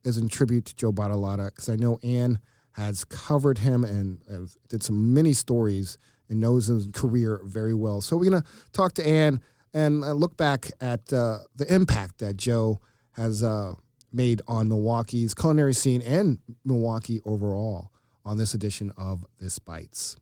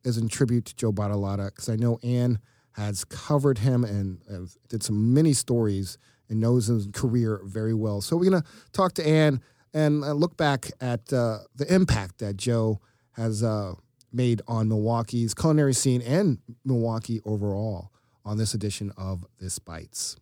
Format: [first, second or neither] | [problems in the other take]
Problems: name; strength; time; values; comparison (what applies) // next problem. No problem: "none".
second | garbled, watery; slightly